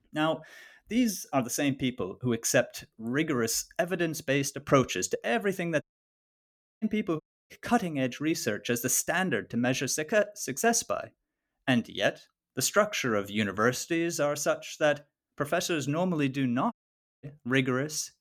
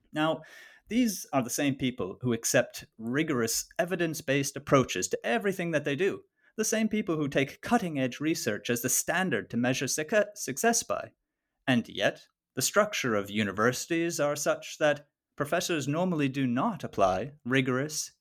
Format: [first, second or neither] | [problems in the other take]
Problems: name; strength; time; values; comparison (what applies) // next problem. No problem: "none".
second | audio cutting out; at 6 s for 1 s, at 7 s and at 17 s for 0.5 s